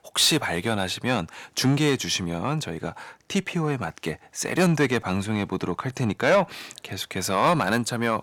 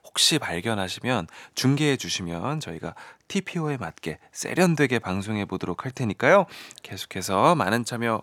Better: second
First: distortion; slight; 10 dB below the speech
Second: none

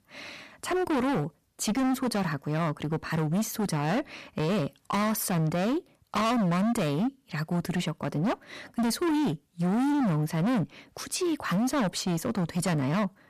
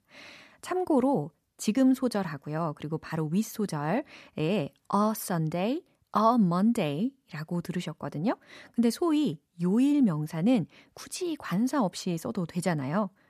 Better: second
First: distortion; heavy; 25% of the sound clipped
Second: none

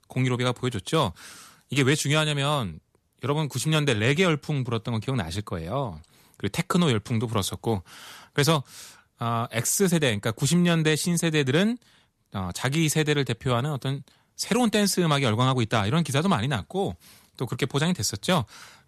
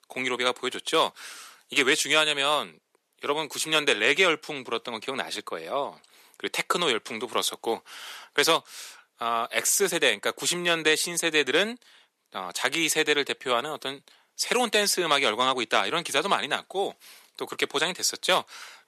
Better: first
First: none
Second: thin; very; fading below 350 Hz

